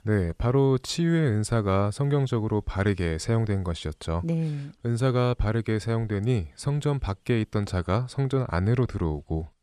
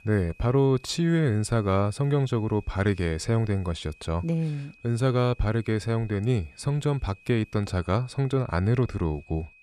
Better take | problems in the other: first | high-pitched whine; faint; throughout; 2.5 kHz, 25 dB below the speech

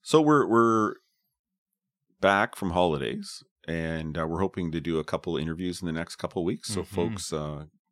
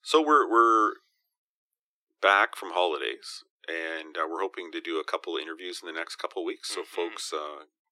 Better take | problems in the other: first | thin; very; fading below 300 Hz

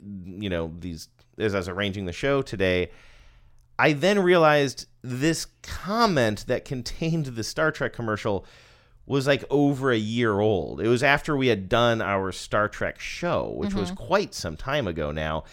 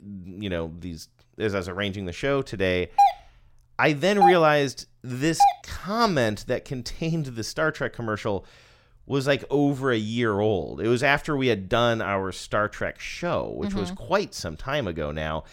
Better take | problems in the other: first | doorbell; loud; from 3 to 5.5 s; peak 5 dB above the speech

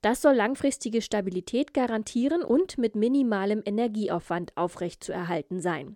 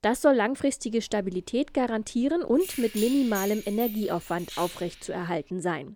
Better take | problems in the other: first | jangling keys; noticeable; from 1 to 5 s; peak 8 dB below the speech

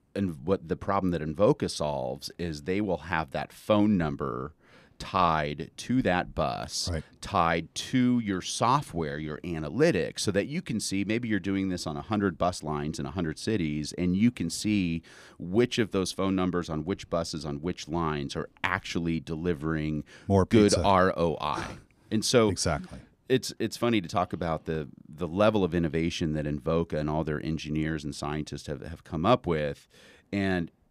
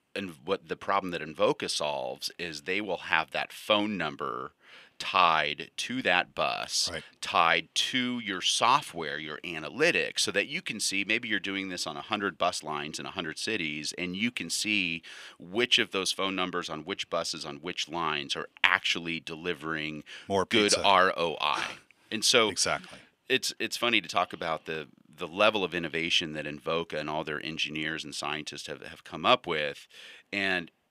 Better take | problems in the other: first | thin; somewhat; fading below 850 Hz

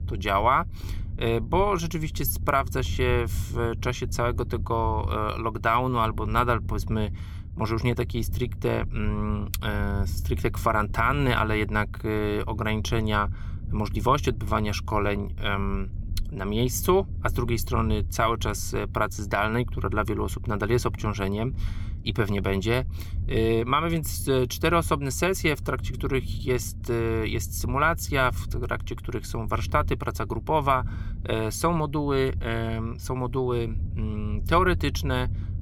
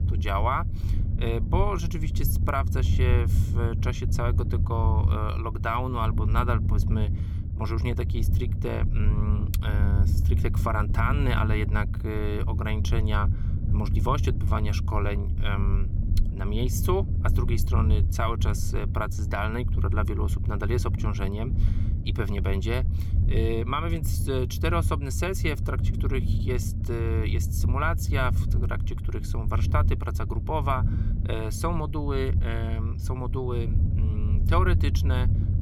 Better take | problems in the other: first | low rumble; loud; throughout; 10 dB below the speech; faint in the first

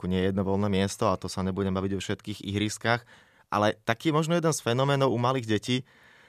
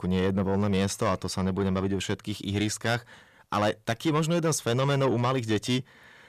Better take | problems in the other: first | distortion; slight; 10 dB below the speech

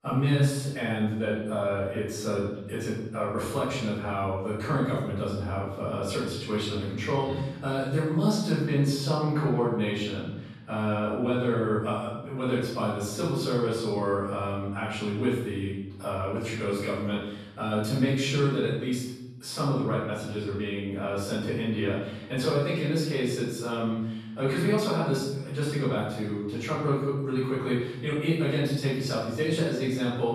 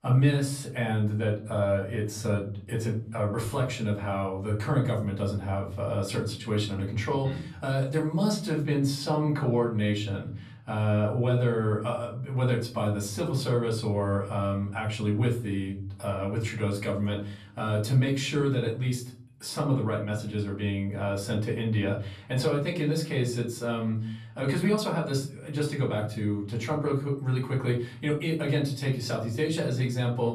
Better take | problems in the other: second | room echo; strong; dies away in 1 s; slight in the second // off-mic speech; far; far in the second

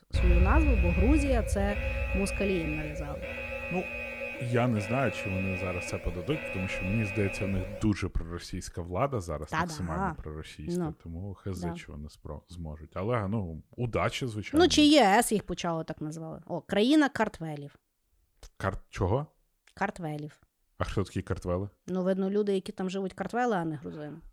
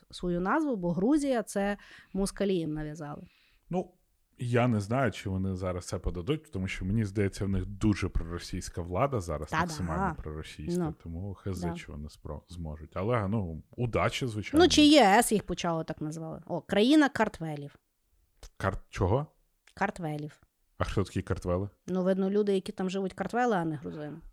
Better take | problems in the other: second | alarm; loud; until 7.5 s; peak 5 dB above the speech

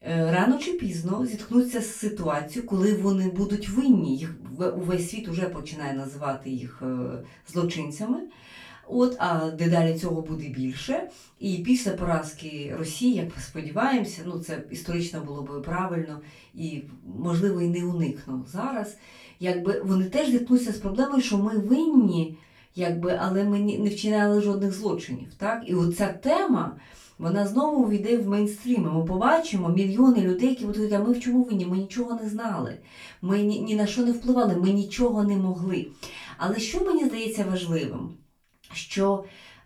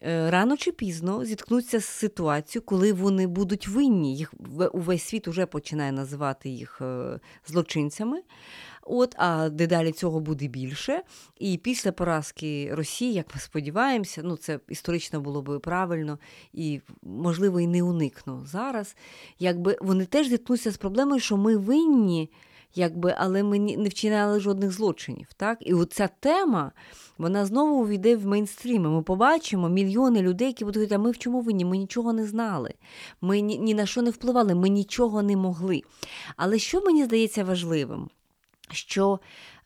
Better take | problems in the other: second | off-mic speech; far // room echo; very slight; dies away in 0.2 s

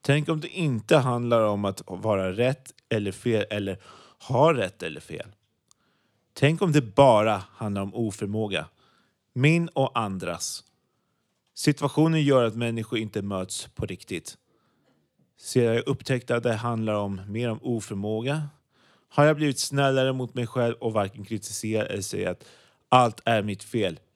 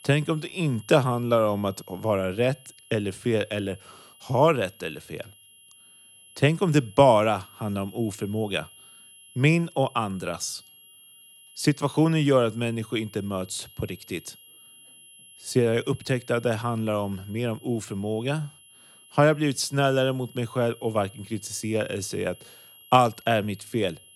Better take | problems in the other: first | high-pitched whine; faint; throughout; 11.5 kHz, 25 dB below the speech

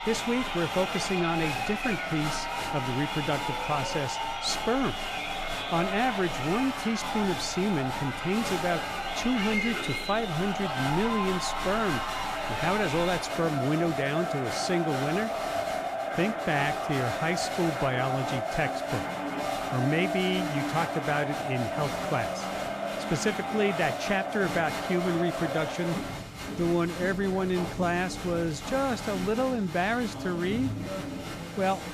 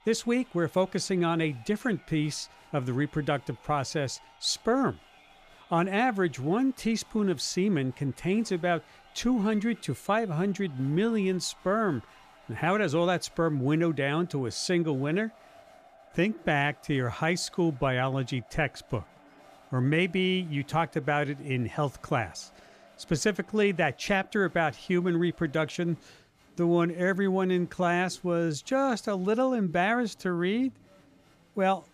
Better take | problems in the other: second | crowd noise; loud; throughout; 2 dB below the speech; faint in the second

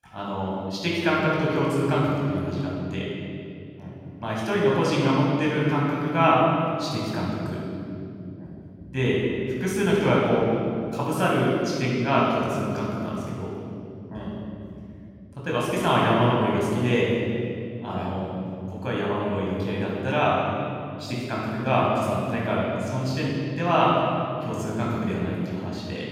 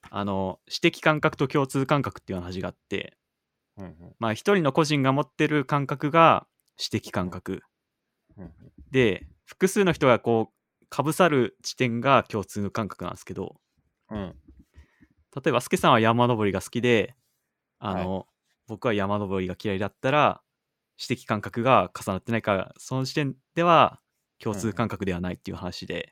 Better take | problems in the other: second | off-mic speech; far // room echo; strong; dies away in 3 s

